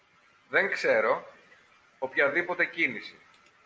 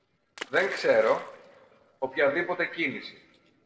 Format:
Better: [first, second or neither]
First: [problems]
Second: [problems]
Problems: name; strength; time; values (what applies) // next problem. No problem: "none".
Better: first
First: none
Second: noise reduction (neural separator model SepFormer DNS4)